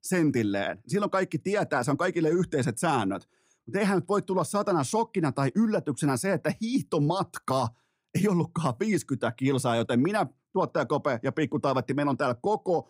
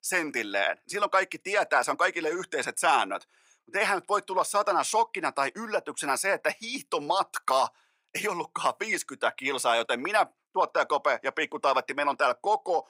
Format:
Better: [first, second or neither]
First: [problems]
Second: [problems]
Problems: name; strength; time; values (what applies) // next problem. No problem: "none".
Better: first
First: none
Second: thin; very; fading below 750 Hz